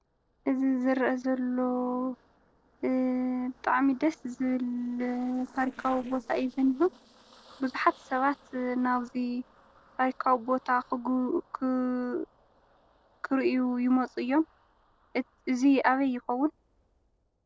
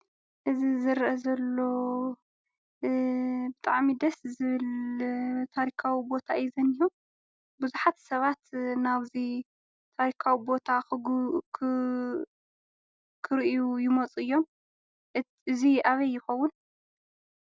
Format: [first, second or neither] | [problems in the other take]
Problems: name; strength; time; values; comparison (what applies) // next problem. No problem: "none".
second | noise reduction (neural separator model SepFormer DNS4)